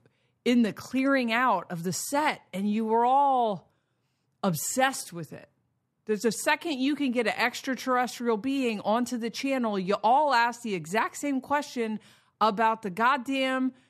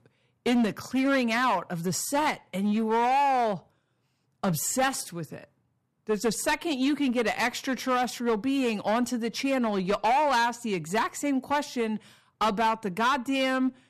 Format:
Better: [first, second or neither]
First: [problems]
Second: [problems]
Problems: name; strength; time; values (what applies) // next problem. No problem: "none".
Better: first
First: none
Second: distortion; slight; 9% of the sound clipped